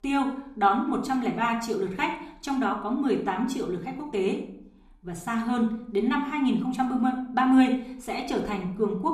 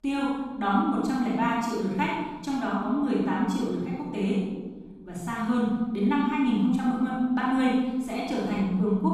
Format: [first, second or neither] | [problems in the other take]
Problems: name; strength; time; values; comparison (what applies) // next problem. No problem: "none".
first | room echo; strong; dies away in 2.1 s; slight in the first // off-mic speech; far; somewhat distant in the first